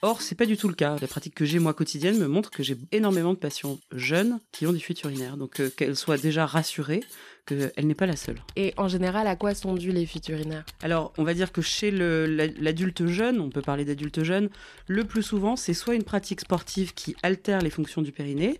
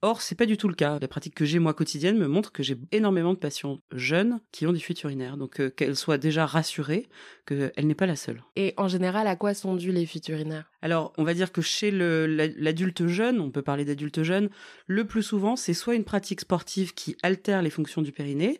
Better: second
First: household noises; noticeable; throughout; 20 dB below the speech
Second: none

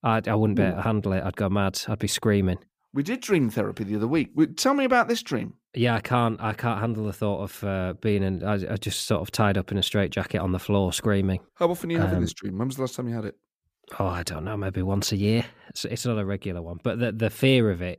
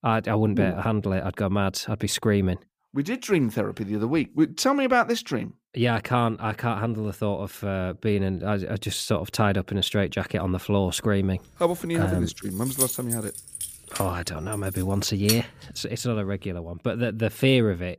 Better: first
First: none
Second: jangling keys; loud; from 13 to 15 s; peak 1 dB above the speech

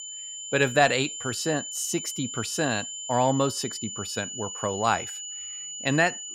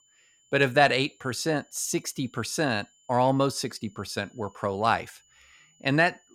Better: second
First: high-pitched whine; loud; throughout; 7 kHz, 7 dB below the speech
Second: high-pitched whine; faint; throughout; 7 kHz, 35 dB below the speech

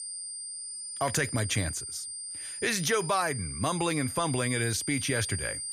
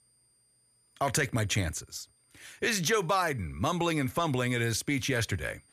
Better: second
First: high-pitched whine; loud; throughout; 9 kHz, 6 dB below the speech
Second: high-pitched whine; faint; throughout; 9 kHz, 35 dB below the speech

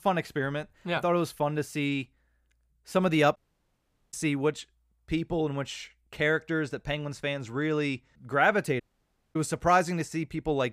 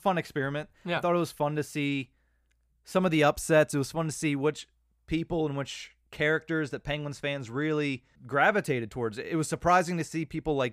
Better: second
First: audio cutting out; at 3.5 s for 1 s and at 9 s for 0.5 s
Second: none

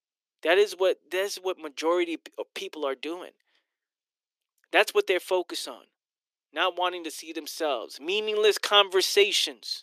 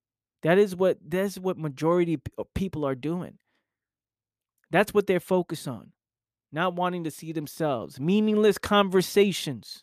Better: second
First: thin; very; fading below 350 Hz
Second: none

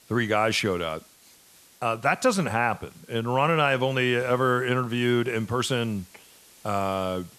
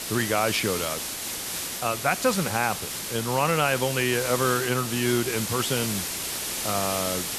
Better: first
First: hiss; faint; throughout; 25 dB below the speech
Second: hiss; loud; throughout; 3 dB below the speech

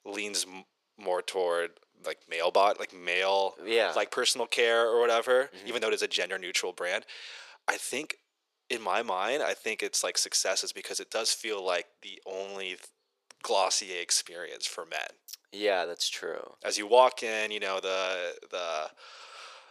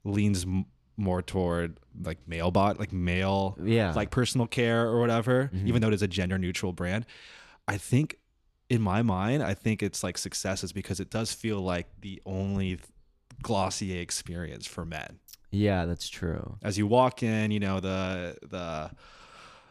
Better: second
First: thin; very; fading below 450 Hz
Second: none

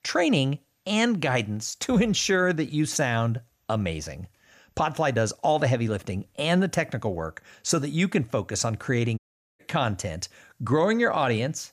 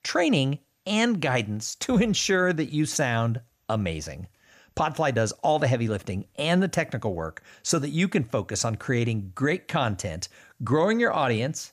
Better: second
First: audio cutting out; at 9 s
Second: none

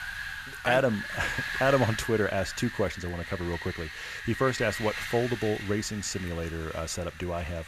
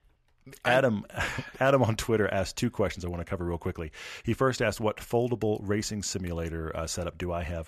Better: second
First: wind noise on the microphone; heavy; 5 dB below the speech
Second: none

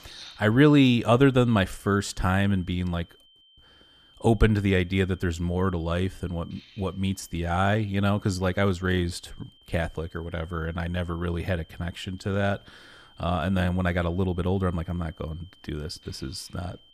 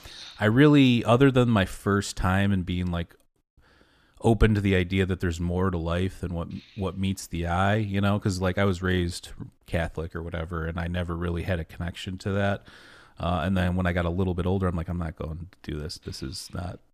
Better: second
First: high-pitched whine; faint; throughout; 3 kHz, 30 dB below the speech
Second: none

